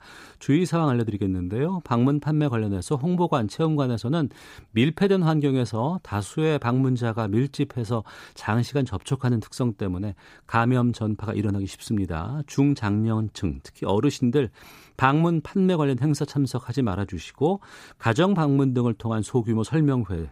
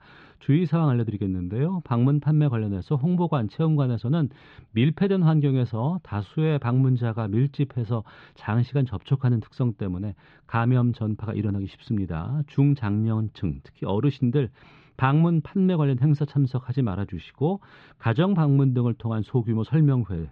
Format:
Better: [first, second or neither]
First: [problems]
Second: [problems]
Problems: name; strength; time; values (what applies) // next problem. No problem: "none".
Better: first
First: none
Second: muffled; slightly; fading above 3.5 kHz